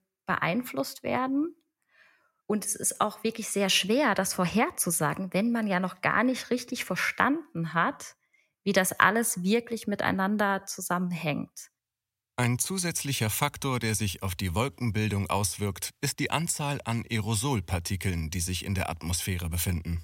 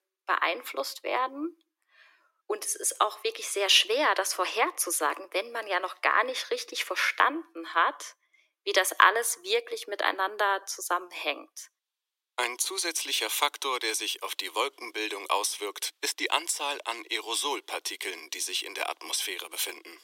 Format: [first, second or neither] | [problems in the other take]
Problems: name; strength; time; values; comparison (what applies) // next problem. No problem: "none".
first | thin; very; fading below 300 Hz